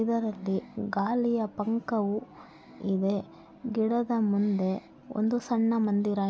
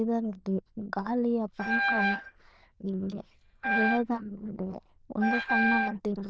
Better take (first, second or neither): first